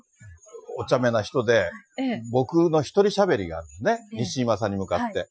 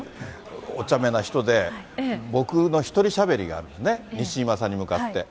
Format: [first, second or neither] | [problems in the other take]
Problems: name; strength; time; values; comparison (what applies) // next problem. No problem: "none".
second | noise reduction (classical method Wiener filter)